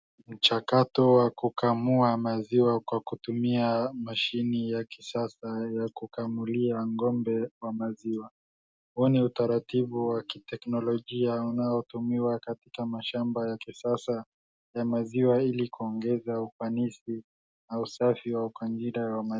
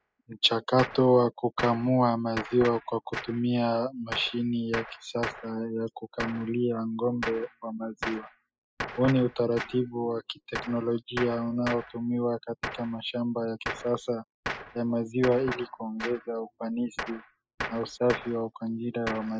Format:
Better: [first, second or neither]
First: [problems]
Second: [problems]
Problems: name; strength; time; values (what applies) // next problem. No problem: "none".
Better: first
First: none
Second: noise reduction (classical method spectral subtraction)